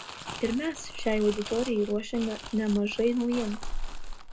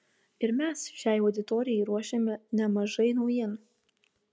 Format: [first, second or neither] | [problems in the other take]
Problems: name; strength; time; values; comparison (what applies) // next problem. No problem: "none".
second | background sound (Crumpling, crinkling); 7 dB below the speech // room echo; dies away in 0.2 s